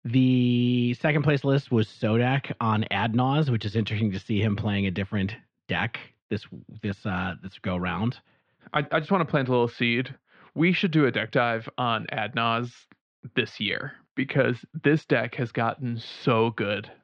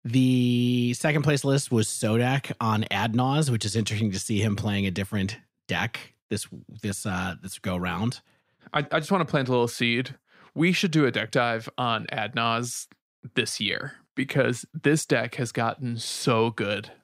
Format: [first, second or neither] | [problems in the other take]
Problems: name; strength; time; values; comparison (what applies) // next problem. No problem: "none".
second | muffled; slightly; fading above 3.5 kHz